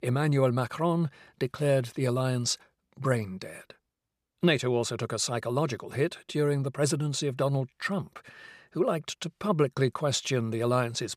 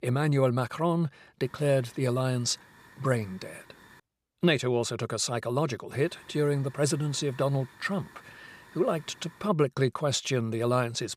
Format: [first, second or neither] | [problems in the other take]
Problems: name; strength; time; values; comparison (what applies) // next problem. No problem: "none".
first | hiss; faint; from 1.5 to 4 s and from 6 to 9.5 s; 25 dB below the speech